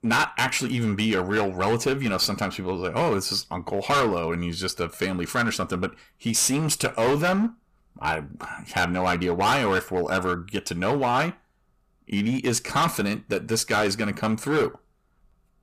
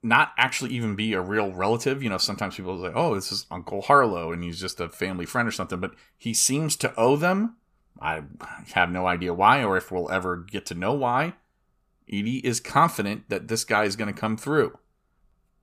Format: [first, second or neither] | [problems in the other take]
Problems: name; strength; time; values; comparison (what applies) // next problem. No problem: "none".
second | distortion; heavy; 10% of the sound clipped